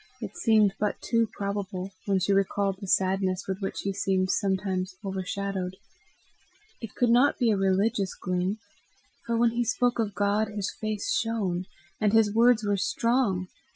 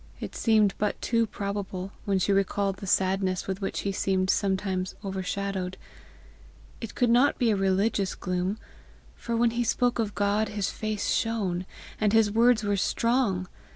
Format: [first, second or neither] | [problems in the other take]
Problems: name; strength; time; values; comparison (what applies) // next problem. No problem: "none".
second | noise reduction (classical method Wiener filter)